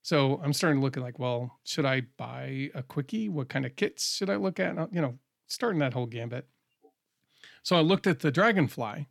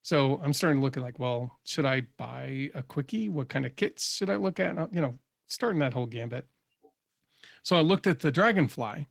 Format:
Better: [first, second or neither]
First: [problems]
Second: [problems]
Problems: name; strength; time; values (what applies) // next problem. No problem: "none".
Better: first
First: none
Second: garbled, watery; slightly; nothing above 18.5 kHz